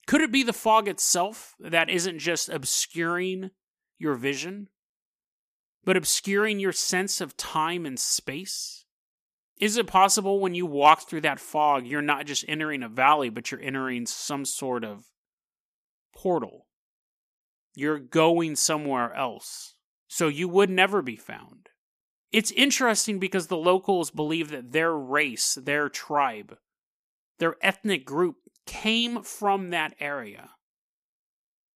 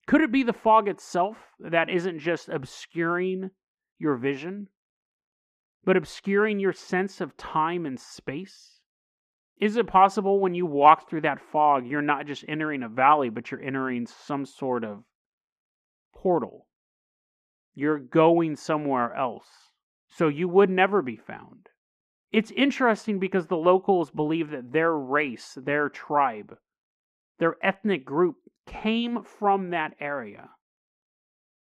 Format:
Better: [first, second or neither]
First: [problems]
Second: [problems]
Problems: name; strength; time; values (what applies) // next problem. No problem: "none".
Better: first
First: none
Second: muffled; very; fading above 4 kHz